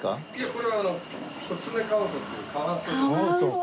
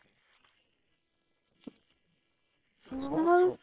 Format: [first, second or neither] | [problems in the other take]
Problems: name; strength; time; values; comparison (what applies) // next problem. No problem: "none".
first | noise reduction (neural separator model SepFormer WHAM!)